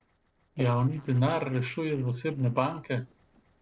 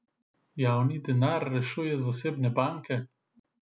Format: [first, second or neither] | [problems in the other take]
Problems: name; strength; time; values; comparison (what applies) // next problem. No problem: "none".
second | noise reduction (neural separator model SepFormer DNS4)